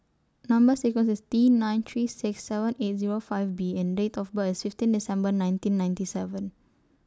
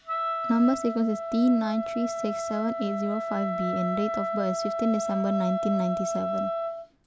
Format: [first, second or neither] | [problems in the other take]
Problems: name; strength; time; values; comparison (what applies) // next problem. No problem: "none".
first | background sound (Wind instrument, woodwind instrument); 3 dB below the speech